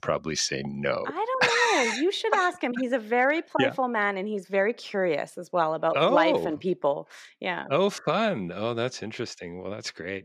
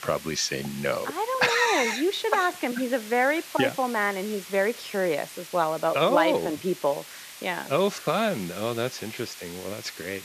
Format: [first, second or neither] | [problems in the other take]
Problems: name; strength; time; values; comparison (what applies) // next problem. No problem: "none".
first | hiss; noticeable; throughout; 15 dB below the speech